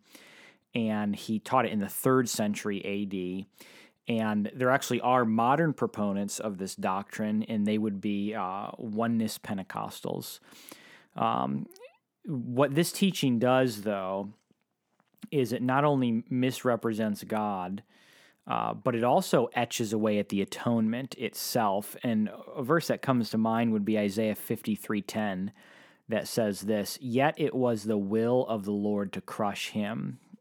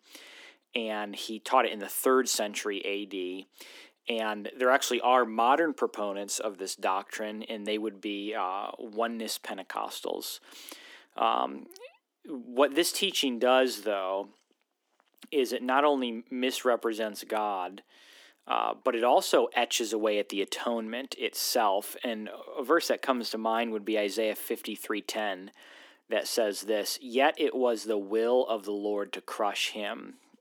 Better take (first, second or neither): first